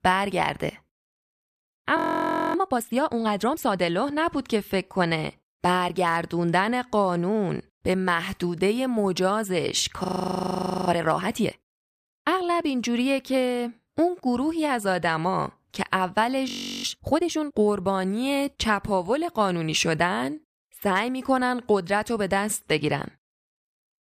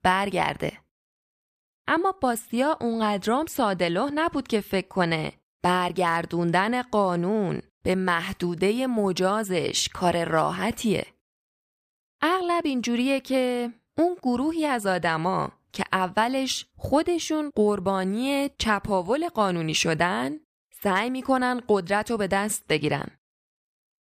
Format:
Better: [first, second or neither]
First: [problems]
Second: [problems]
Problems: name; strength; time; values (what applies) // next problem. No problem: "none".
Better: second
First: audio freezing; at 2 s for 0.5 s, at 10 s for 1 s and at 16 s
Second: none